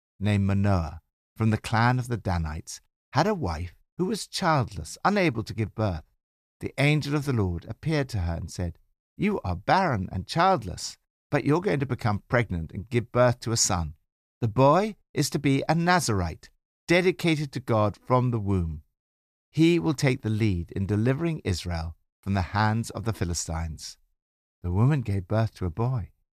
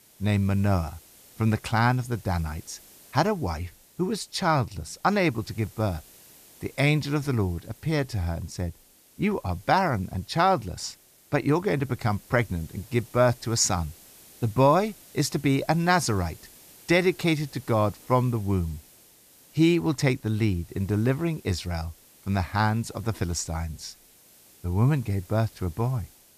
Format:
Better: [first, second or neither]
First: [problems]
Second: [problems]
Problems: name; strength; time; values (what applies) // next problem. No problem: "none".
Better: first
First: none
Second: hiss; faint; throughout; 25 dB below the speech